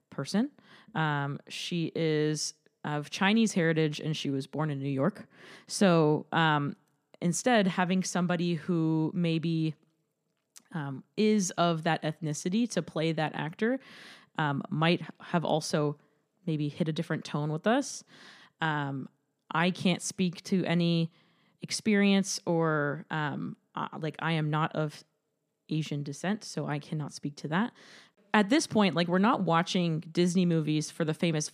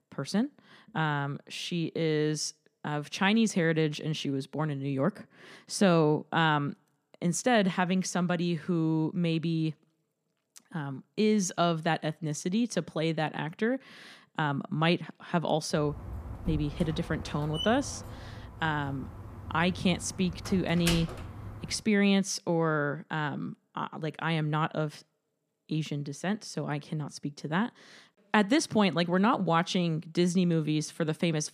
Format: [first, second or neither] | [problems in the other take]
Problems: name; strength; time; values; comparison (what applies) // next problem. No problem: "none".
first | door banging; noticeable; from 16 to 22 s; peak 3 dB below the speech